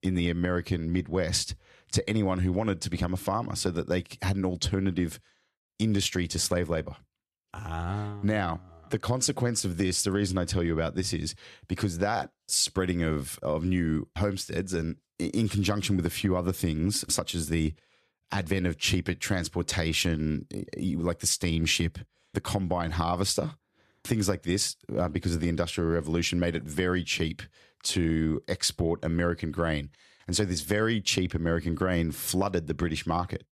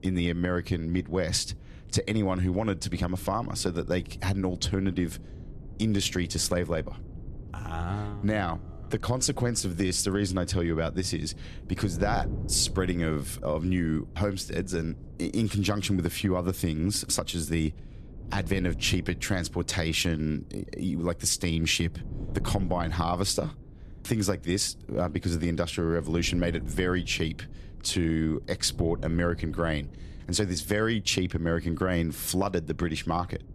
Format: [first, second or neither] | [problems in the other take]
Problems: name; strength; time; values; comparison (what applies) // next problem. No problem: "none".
first | wind noise on the microphone; occasional gusts; 20 dB below the speech